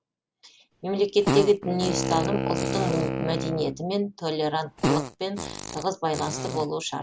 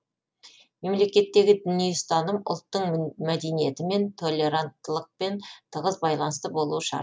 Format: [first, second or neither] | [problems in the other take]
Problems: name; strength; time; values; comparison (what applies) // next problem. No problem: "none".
second | background sound (Wind instrument, woodwind instrument + Fart); 3 dB below the speech